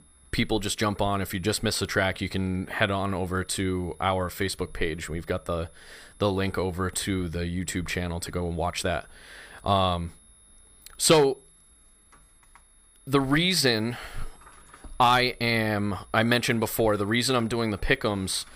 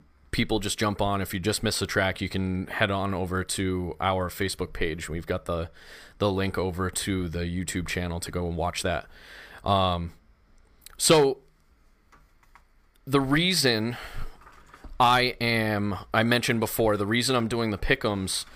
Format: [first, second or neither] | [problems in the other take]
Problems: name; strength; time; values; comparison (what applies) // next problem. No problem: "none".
second | high-pitched whine; faint; throughout; 11 kHz, 30 dB below the speech